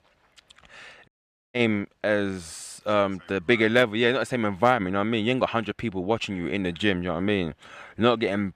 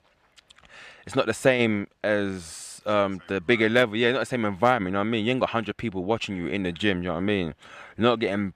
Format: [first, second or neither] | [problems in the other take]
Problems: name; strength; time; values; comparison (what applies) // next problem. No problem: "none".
second | audio cutting out; at 1 s